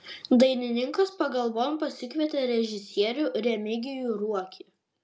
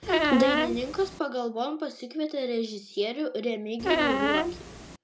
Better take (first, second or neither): first